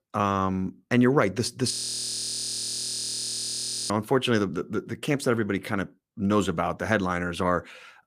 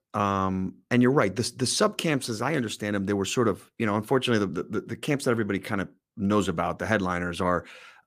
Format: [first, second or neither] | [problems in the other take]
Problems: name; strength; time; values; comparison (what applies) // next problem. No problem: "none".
second | audio freezing; at 1.5 s for 2 s